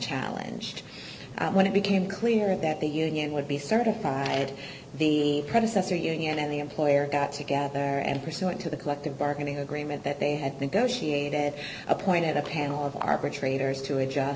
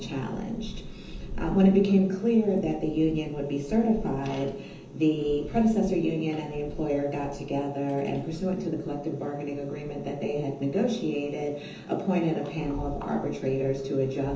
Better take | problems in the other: first | background sound (Thunder / Rain); 15 dB below the speech // room echo; dies away in 0.6 s

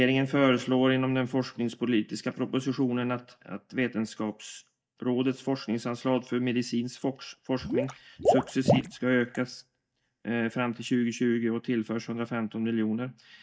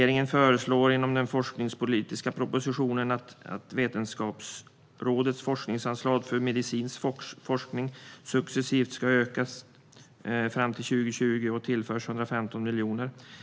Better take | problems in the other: second | noise reduction (neural mask model DeepFilterNet 3)

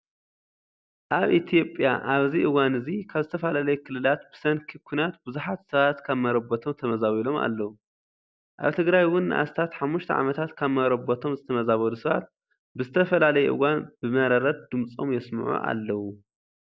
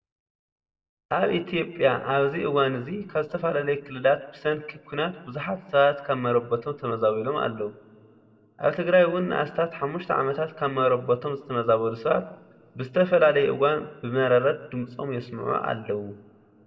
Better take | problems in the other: first | room echo; dies away in 0.7 s

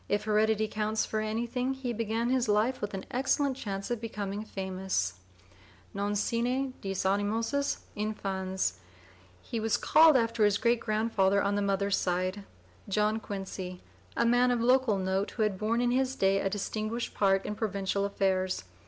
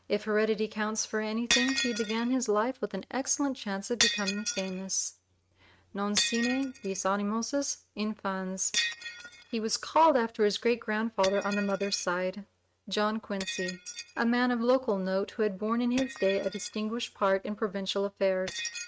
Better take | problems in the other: first | noise reduction (neural mask model RNNoise)

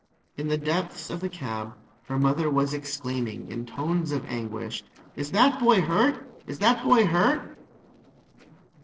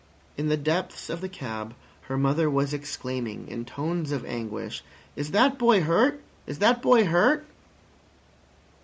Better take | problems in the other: second | noise reduction (neural separator model SepFormer DNS4)

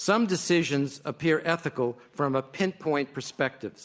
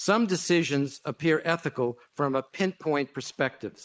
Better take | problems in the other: first | noise reduction (neural mask model Resemble Enhance denoiser)

